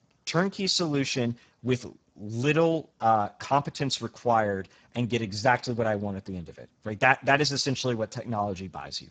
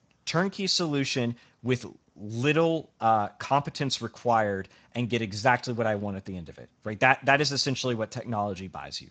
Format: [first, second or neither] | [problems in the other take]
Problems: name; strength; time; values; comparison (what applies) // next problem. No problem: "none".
second | garbled, watery; badly; nothing above 7.5 kHz; slightly in the second